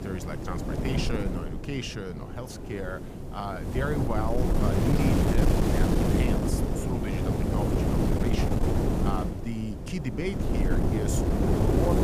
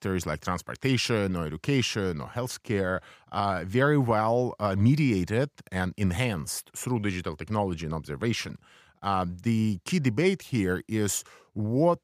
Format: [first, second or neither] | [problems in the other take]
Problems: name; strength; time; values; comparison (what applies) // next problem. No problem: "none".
second | wind noise on the microphone; heavy; 4 dB above the speech